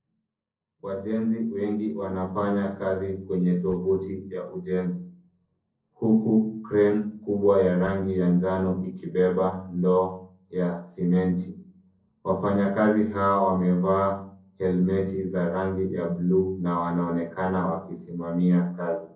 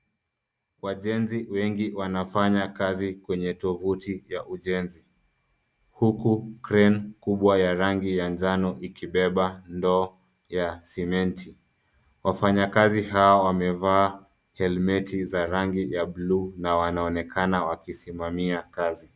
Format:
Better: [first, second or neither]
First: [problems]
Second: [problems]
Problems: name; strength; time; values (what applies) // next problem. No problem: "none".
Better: second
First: noise reduction (neural separator model SepFormer DNS4)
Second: none